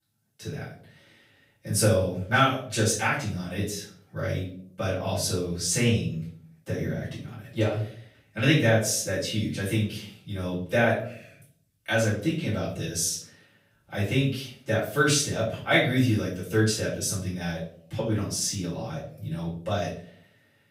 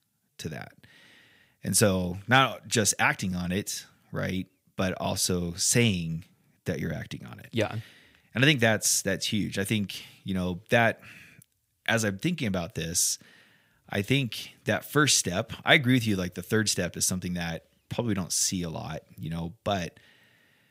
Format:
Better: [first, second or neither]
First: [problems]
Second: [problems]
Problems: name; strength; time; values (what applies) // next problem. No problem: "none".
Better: second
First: room echo; noticeable; dies away in 0.4 s // off-mic speech; far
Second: none